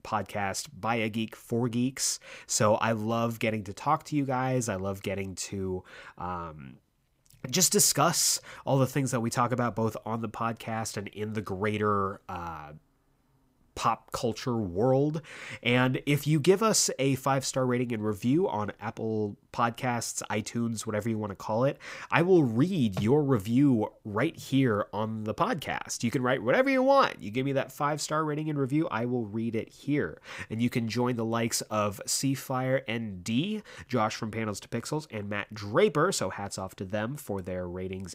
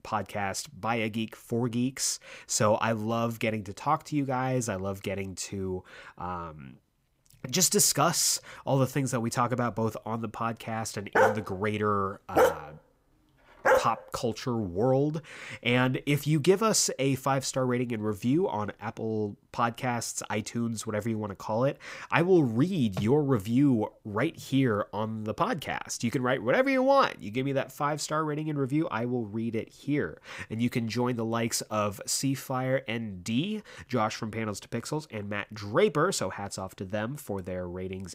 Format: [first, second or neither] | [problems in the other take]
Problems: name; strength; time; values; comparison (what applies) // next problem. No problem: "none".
first | dog barking; loud; from 11 to 14 s; peak 4 dB above the speech